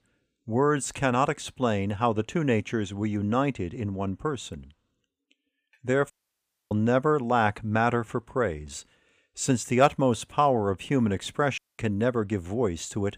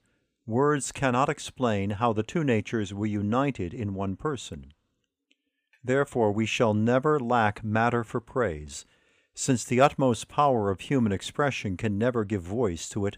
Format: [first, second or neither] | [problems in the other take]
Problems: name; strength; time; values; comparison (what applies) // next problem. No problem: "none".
second | audio cutting out; at 6 s for 0.5 s and at 12 s